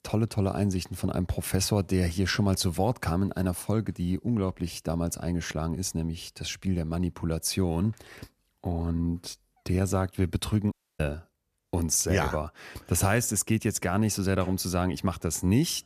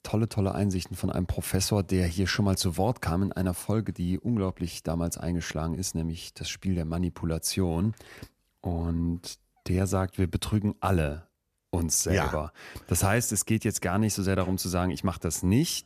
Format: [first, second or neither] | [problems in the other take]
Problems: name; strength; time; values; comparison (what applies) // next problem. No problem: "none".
second | audio cutting out; at 11 s